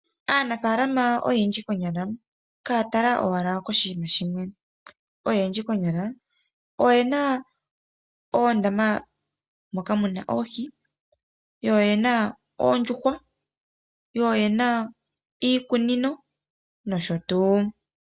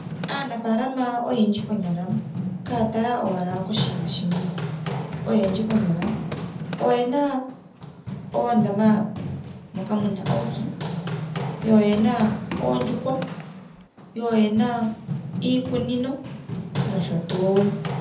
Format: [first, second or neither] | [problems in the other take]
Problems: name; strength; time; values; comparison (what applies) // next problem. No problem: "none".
first | background sound (Run); 6 dB below the speech // room echo; dies away in 0.7 s